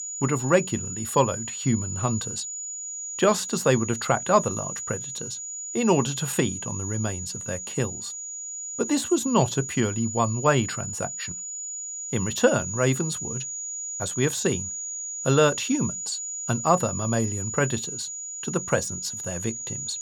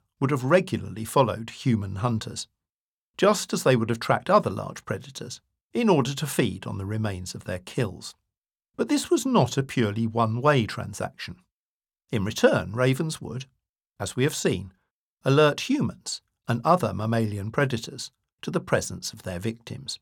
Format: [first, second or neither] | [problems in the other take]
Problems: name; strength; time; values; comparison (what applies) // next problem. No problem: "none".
second | high-pitched whine; loud; throughout; 7 kHz, 5 dB below the speech